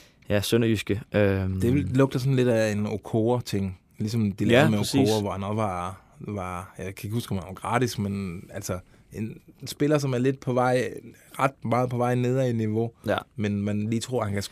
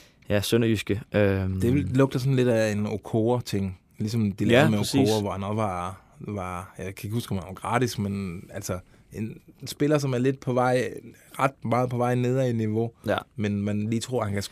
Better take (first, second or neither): neither